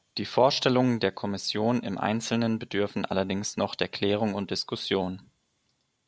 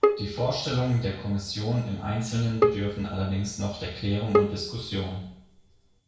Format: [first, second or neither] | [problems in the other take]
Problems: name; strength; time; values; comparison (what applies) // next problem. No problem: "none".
first | background sound (Bowed string instrument); 1 dB below the speech // room echo; dies away in 0.6 s